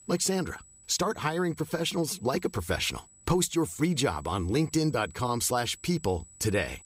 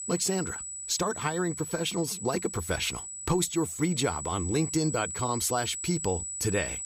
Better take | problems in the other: first | high-pitched whine; loud; throughout; 8 kHz, 5 dB below the speech; faint in the first

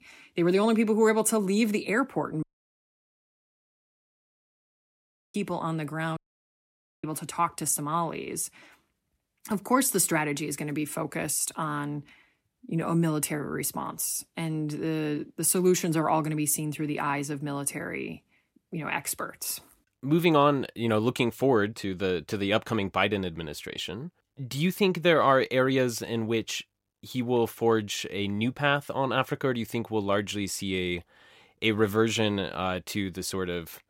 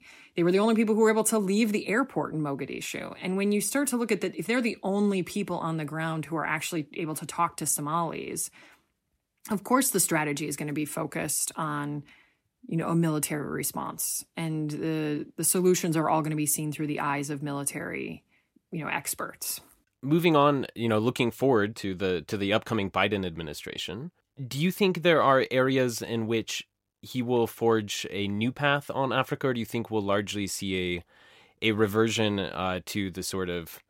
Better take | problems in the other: second | audio cutting out; at 2.5 s for 3 s and at 6 s for 1 s

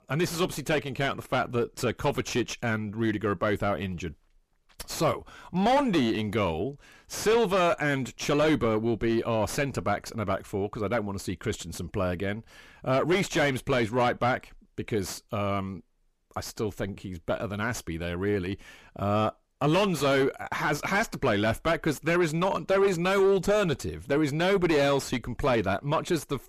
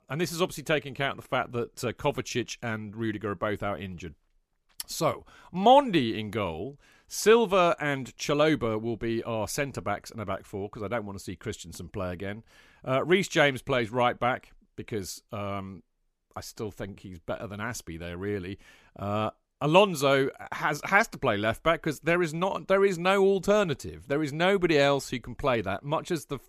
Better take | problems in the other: second | distortion; heavy; 5 dB below the speech

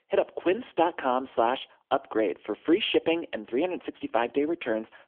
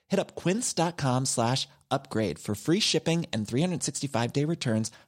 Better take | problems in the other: second | phone-call audio; nothing above 3.5 kHz

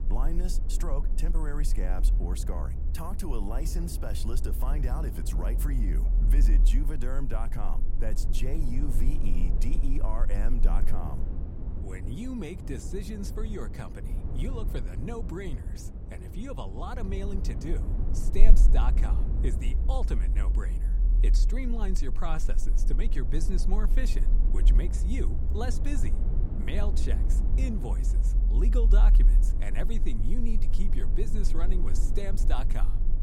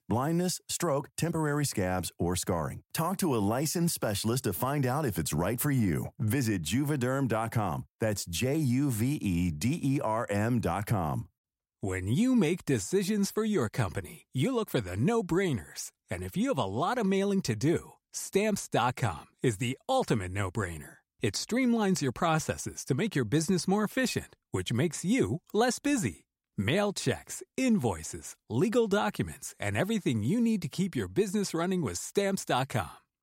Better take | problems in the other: second | low rumble; loud; throughout; 7 dB below the speech

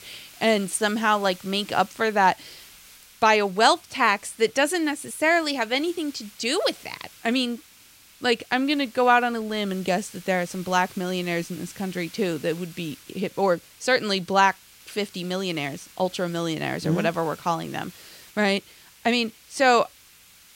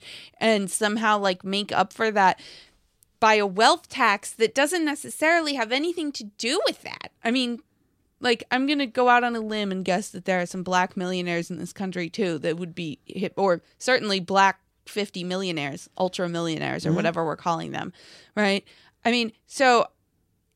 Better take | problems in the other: second | hiss; faint; throughout; 20 dB below the speech

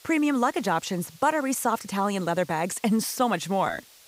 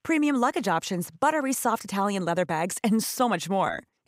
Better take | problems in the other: second | hiss; faint; throughout; 25 dB below the speech

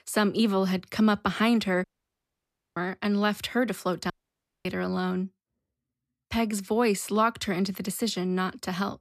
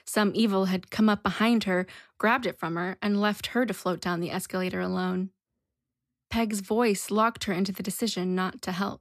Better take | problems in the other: second | audio cutting out; at 2 s for 1 s and at 4 s for 0.5 s

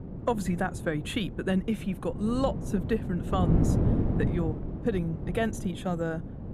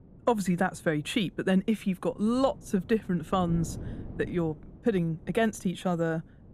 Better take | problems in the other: second | wind noise on the microphone; heavy; 7 dB below the speech; occasional gusts in the second

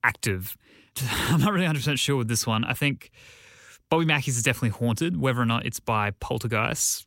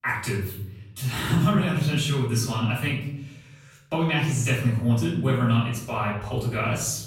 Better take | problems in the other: first | room echo; noticeable; dies away in 0.9 s // off-mic speech; far

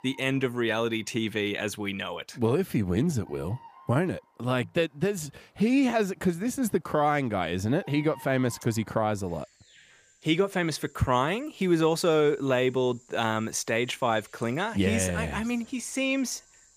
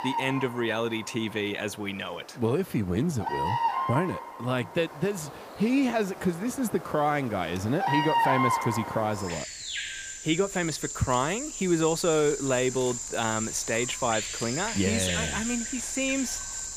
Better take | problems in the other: first | animal sounds; loud; throughout; 3 dB below the speech; faint in the first

